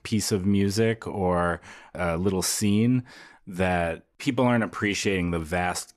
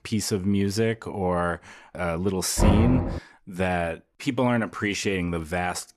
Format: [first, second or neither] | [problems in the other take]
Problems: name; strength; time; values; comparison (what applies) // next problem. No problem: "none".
first | door banging; loud; at 2.5 s; peak 4 dB above the speech